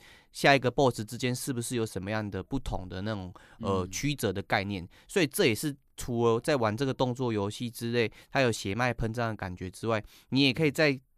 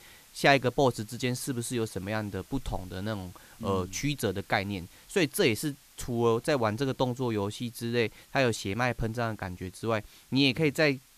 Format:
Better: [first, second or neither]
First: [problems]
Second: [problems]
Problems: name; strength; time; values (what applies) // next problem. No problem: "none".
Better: first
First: none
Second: hiss; faint; throughout; 25 dB below the speech